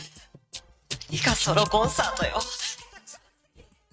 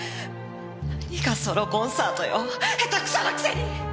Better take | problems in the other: second | noise reduction (neural mask model RNNoise)

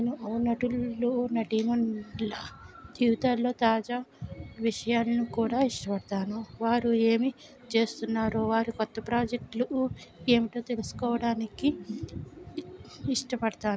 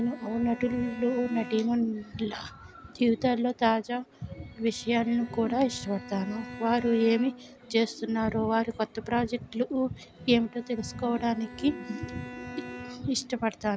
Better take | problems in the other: first | background sound (Bowed string instrument); 17 dB below the speech

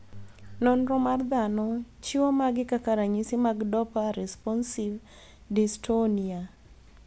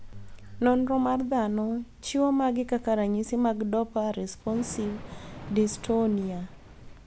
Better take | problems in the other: first | background sound (Thunder / Rain); 17 dB below the speech

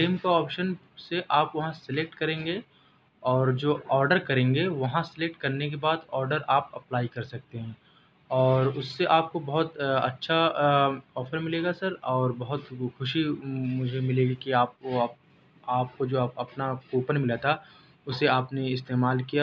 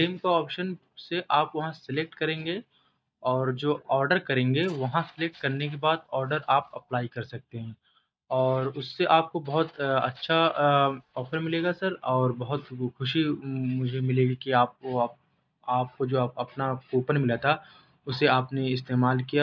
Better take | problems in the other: first | noise reduction (neural mask model DeepFilterNet 3)

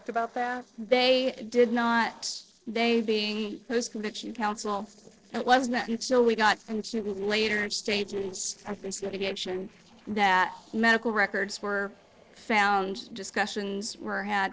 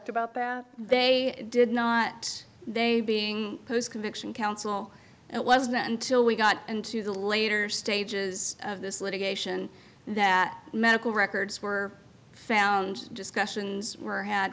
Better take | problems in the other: second | noise reduction (neural separator model SepFormer DNS4)

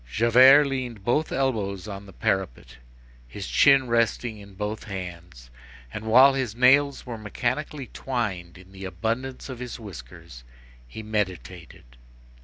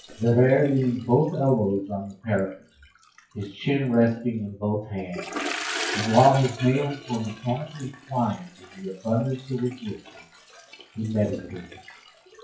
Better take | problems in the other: first | noise reduction (classical method WPE with log-MMSE)

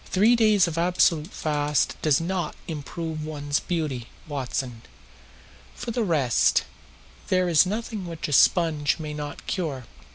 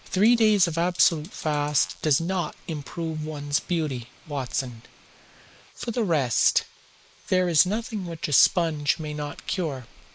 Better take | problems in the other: first | noise reduction (neural mask model Resemble Enhance denoiser)

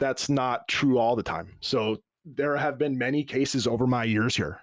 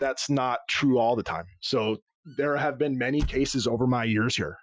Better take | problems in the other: first | noise reduction (classical method Wiener filter)

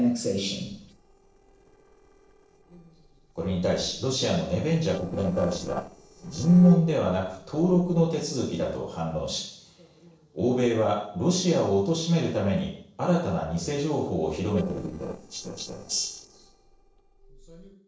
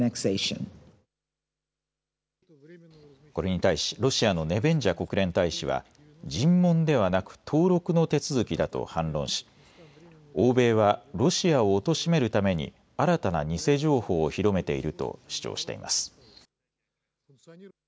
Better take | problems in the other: second | noise reduction (neural separator model SepFormer DNS4)

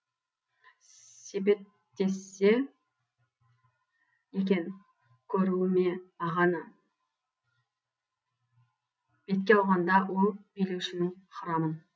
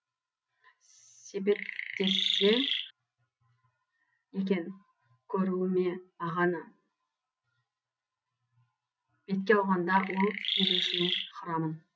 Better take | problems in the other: first | background sound (Chirp, tweet); 1 dB above the speech

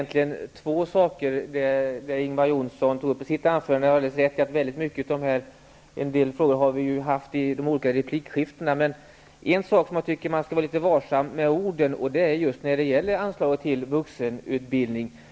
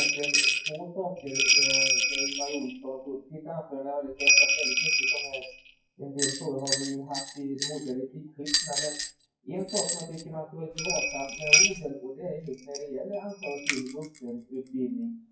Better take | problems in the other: first | noise reduction (classical method WPE with log-MMSE)

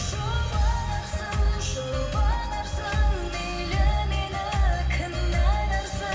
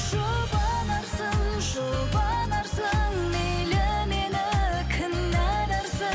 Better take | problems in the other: second | room echo; dies away in 1.1 s

